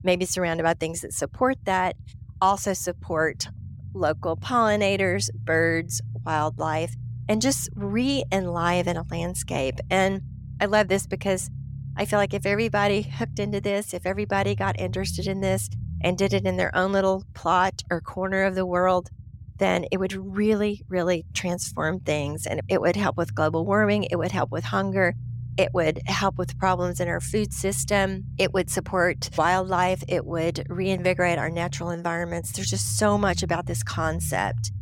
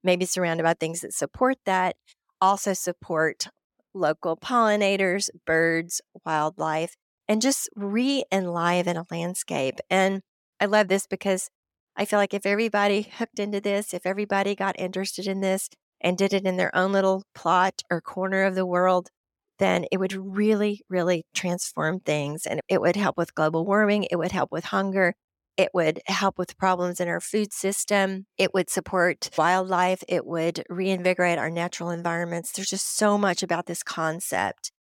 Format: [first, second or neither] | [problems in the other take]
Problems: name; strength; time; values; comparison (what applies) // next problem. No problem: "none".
second | low rumble; faint; throughout; 25 dB below the speech